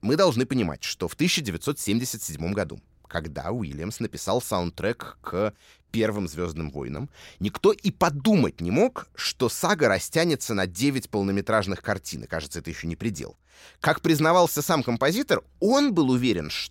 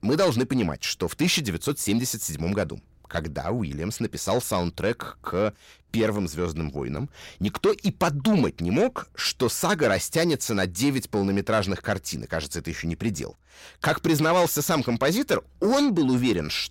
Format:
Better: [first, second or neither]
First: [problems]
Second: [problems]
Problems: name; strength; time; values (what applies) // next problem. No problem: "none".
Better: first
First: none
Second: distortion; slight; 10 dB below the speech